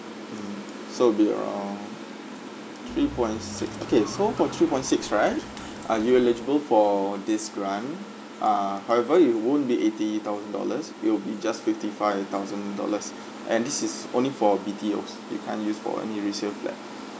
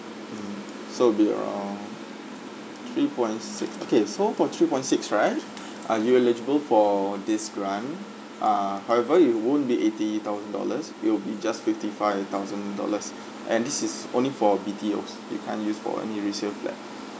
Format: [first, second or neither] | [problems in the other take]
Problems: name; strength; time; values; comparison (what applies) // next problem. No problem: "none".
second | background sound (Car); 16 dB below the speech